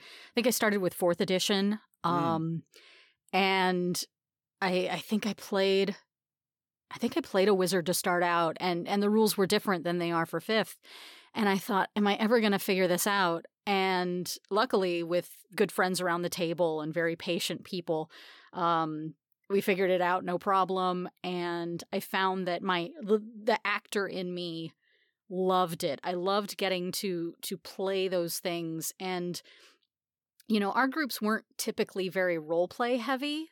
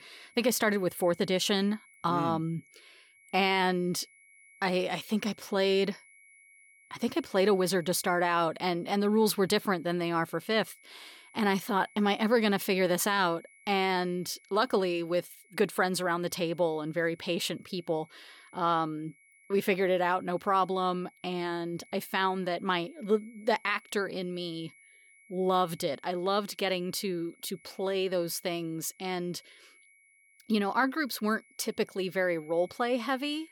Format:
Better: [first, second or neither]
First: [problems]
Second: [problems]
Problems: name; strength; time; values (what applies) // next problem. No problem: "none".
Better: first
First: none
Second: high-pitched whine; faint; throughout; 2 kHz, 30 dB below the speech